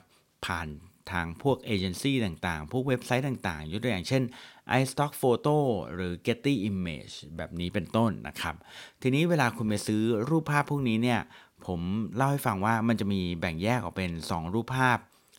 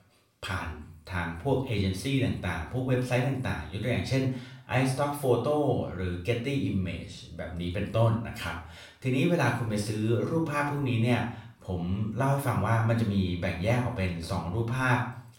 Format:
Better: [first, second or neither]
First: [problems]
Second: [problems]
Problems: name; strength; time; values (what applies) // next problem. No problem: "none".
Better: first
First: none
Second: off-mic speech; somewhat distant // room echo; noticeable; dies away in 0.4 s